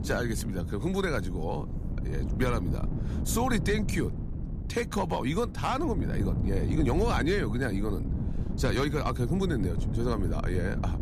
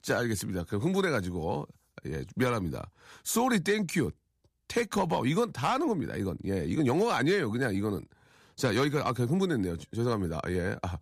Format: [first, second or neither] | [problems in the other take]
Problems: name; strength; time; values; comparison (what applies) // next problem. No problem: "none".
second | wind noise on the microphone; occasional gusts; 10 dB below the speech